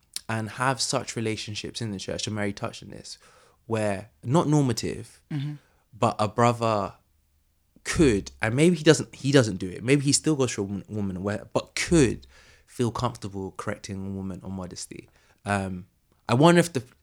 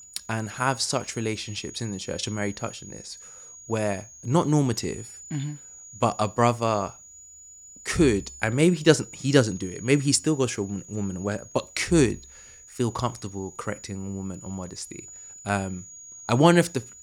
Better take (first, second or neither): first